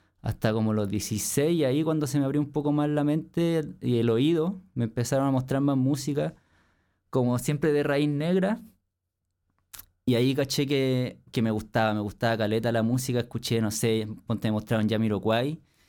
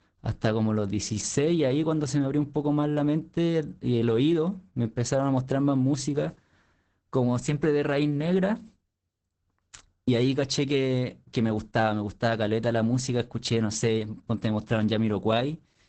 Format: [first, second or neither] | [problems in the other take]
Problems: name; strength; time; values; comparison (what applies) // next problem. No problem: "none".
first | garbled, watery; badly; nothing above 8 kHz